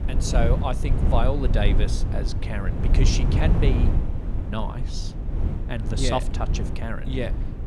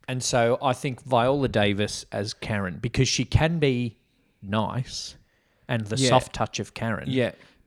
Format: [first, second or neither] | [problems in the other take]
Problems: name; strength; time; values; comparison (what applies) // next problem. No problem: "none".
second | low rumble; loud; throughout; 6 dB below the speech